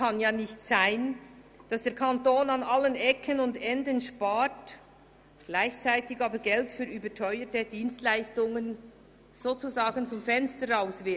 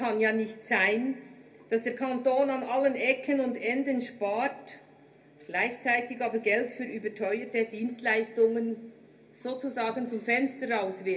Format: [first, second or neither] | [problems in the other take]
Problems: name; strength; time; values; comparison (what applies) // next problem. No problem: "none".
first | room echo; dies away in 0.3 s